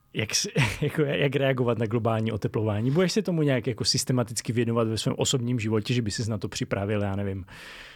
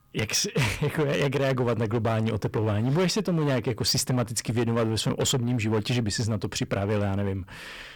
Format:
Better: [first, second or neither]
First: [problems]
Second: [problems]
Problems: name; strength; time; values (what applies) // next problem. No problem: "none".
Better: first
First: none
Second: distortion; slight; 13% of the sound clipped